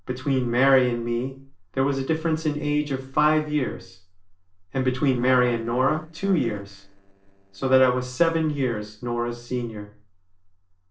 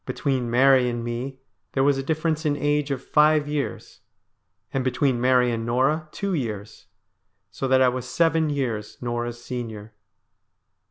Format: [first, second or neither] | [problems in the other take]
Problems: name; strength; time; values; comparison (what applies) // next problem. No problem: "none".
second | noise reduction (neural separator model SepFormer DNS4)